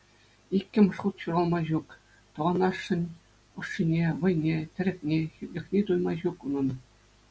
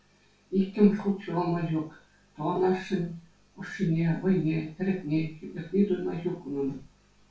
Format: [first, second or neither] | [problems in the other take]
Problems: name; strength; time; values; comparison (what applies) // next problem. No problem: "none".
first | room echo; dies away in 0.3 s